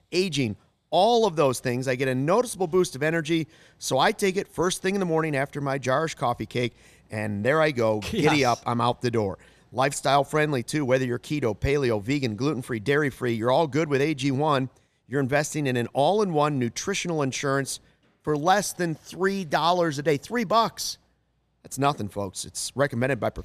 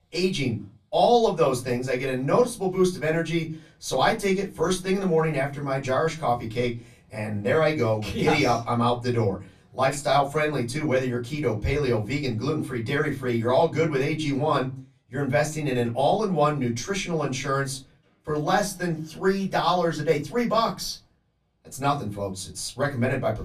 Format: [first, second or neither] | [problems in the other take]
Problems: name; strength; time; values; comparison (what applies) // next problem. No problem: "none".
first | off-mic speech; far // room echo; very slight; dies away in 0.2 s